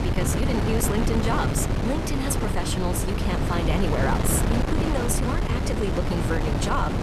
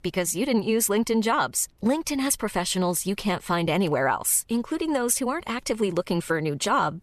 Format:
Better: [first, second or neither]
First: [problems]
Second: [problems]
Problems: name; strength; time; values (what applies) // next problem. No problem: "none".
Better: second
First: wind noise on the microphone; heavy; as loud as the speech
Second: none